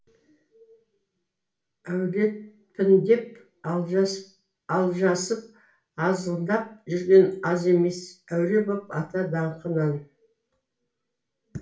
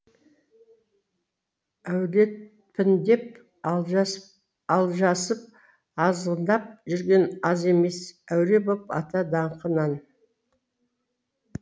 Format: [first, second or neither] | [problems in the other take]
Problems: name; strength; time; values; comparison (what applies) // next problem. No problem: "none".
second | room echo; dies away in 0.3 s